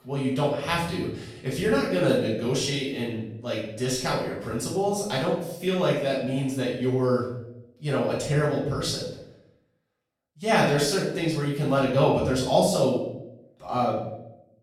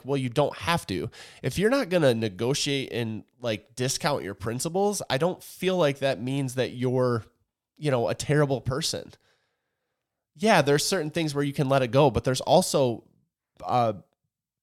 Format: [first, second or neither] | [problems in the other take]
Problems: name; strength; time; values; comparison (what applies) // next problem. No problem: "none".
second | off-mic speech; far // room echo; noticeable; dies away in 0.6 s